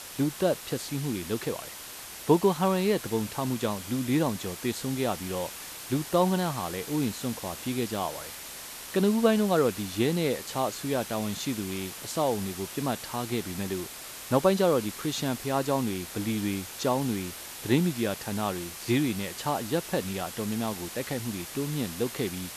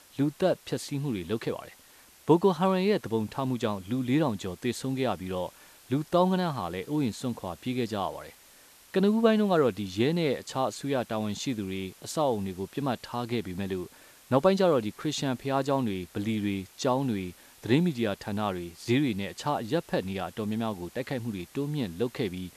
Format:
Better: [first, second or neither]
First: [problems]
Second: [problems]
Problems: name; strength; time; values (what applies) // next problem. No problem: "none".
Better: second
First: hiss; loud; throughout; 9 dB below the speech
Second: hiss; faint; throughout; 25 dB below the speech